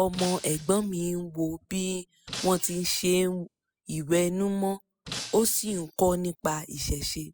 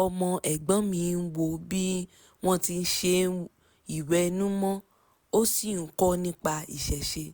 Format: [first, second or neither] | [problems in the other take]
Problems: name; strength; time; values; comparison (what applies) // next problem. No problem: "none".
second | noise reduction (classical method spectral subtraction)